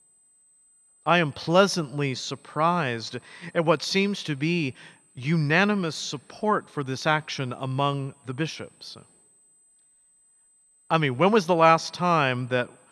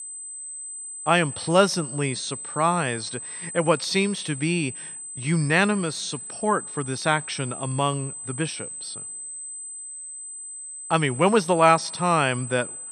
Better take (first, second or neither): first